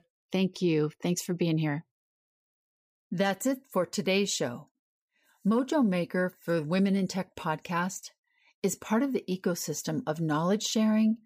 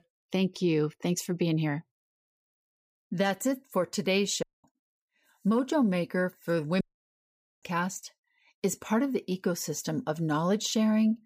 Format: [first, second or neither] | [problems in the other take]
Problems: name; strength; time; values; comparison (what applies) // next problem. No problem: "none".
first | audio cutting out; at 4.5 s and at 7 s for 1 s